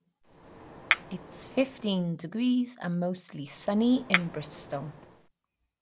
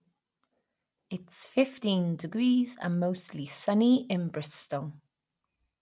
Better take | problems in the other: second | background sound (Chink, clink); 4 dB below the speech

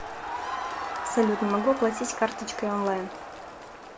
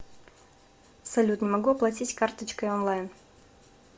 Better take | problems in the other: second | background sound (Crowd); 6 dB below the speech

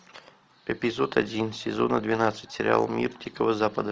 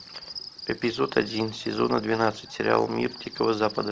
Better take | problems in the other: first | background sound (Cricket); 15 dB below the speech

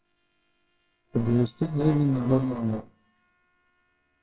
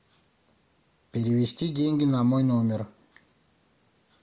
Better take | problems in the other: second | noise reduction (neural separator model SepFormer WHAMR!)

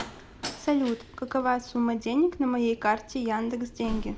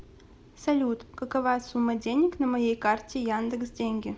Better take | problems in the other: second | background sound (Slam); 14 dB below the speech

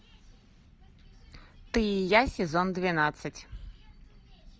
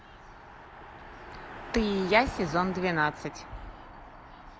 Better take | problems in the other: first | background sound (Car passing by); 12 dB below the speech

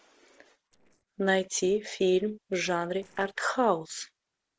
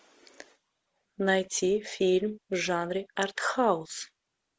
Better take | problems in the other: second | noise reduction (neural separator model SepFormer DNS4)

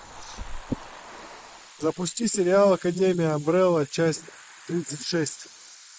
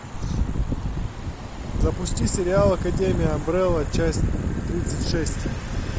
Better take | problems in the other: second | noise reduction (neural mask model Resemble Enhance denoiser)

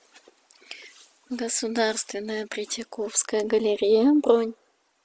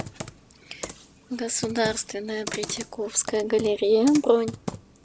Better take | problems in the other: first | background sound (Computer keyboard); 13 dB below the speech

